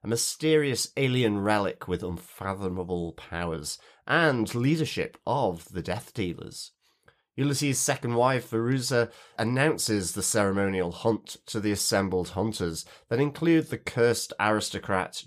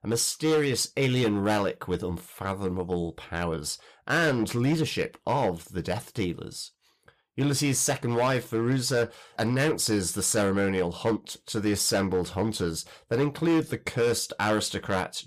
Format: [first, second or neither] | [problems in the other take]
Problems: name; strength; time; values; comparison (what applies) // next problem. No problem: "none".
first | distortion; slight; 6% of the sound clipped